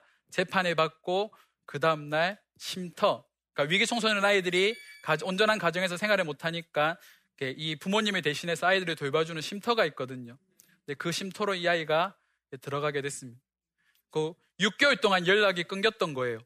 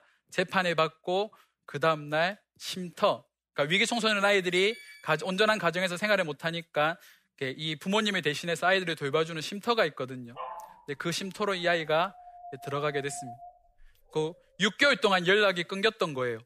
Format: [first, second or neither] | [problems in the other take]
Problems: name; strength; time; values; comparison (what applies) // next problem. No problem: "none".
first | dog barking; faint; from 10 to 14 s; peak 15 dB below the speech